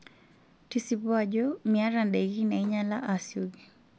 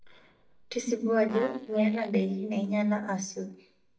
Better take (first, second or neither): first